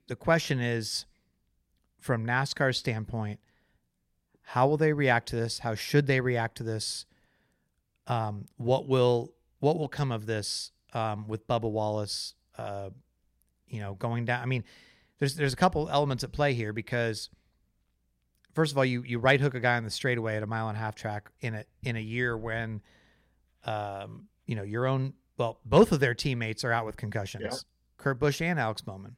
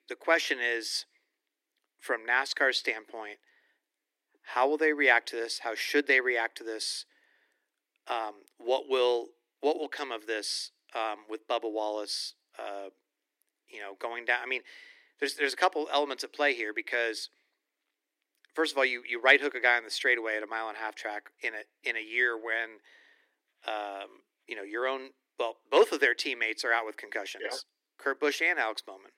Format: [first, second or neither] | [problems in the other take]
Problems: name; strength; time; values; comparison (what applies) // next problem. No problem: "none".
first | thin; very; fading below 300 Hz